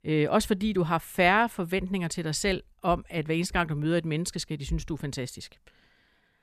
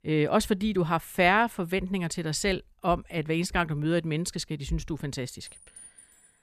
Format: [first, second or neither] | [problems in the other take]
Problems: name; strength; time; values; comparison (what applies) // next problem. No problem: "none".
first | clattering dishes; faint; at 5.5 s; peak 20 dB below the speech